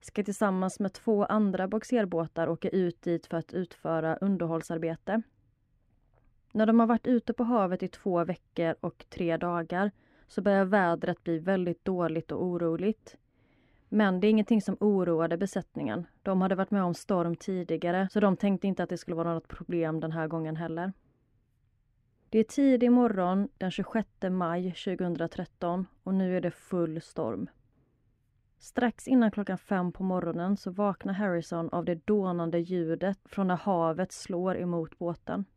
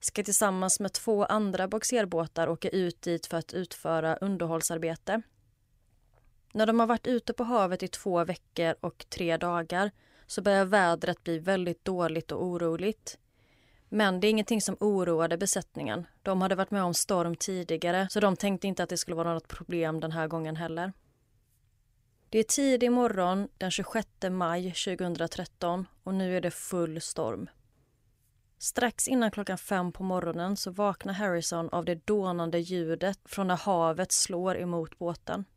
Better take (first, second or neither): second